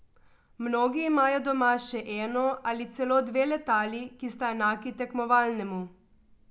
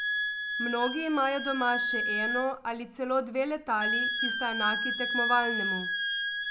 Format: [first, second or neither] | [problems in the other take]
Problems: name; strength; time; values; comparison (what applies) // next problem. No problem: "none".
first | background sound (Wind instrument, woodwind instrument); as loud as the speech